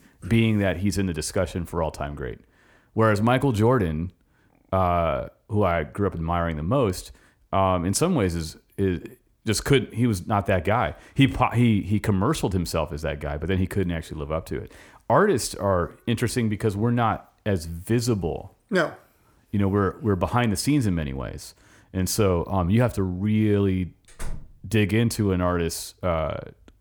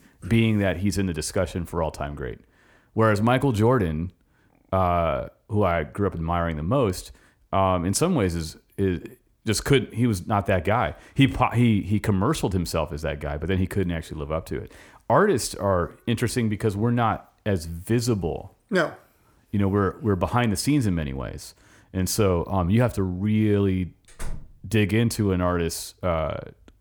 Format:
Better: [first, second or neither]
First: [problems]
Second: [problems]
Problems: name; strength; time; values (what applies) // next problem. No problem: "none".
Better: neither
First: door banging; faint; at 24 s; peak 15 dB below the speech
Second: door banging; faint; at 24 s; peak 15 dB below the speech